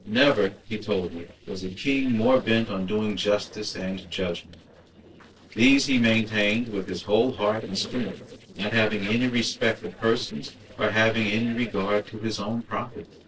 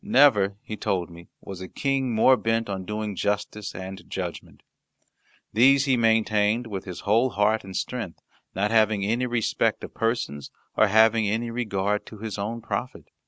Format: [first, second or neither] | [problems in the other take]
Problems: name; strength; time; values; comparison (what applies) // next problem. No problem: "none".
second | noise reduction (neural separator model SepFormer DNS4)